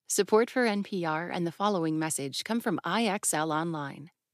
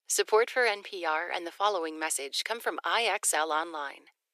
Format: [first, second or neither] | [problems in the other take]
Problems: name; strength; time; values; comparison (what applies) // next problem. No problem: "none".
first | thin; very; fading below 400 Hz